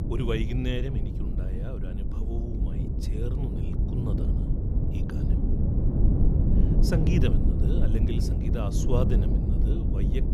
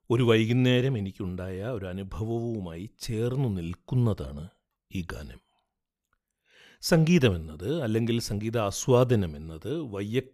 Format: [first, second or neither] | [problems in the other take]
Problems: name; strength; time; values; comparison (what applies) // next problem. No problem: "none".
second | low rumble; loud; throughout; 1 dB below the speech